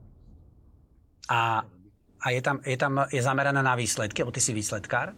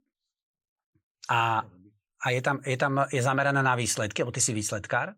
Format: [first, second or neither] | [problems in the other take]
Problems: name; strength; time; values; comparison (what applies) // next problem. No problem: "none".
second | rain or running water; faint; throughout; 30 dB below the speech